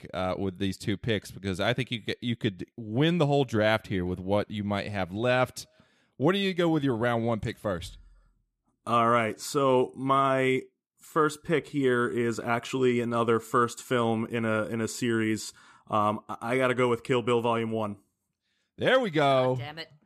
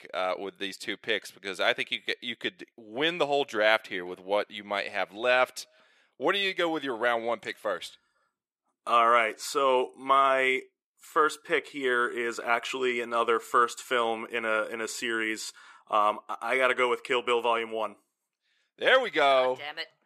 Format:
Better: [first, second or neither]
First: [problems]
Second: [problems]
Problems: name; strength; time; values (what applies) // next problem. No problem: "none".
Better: first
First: none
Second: thin; very; fading below 500 Hz